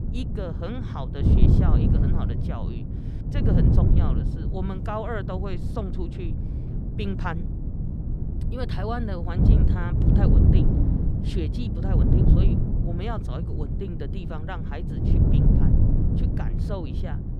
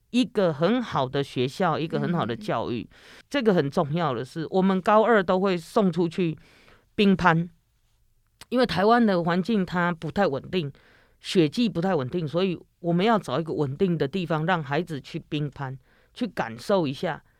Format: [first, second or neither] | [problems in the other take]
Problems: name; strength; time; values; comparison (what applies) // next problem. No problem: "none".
second | wind noise on the microphone; heavy; 1 dB above the speech